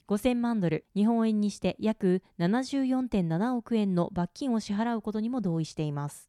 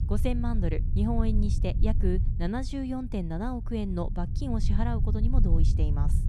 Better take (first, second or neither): first